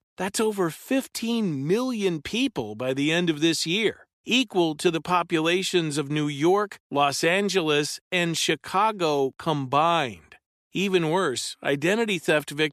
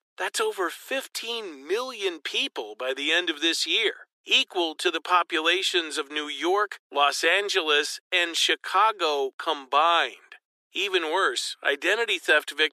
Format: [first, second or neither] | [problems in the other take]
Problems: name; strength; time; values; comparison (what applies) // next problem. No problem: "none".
first | thin; very; fading below 350 Hz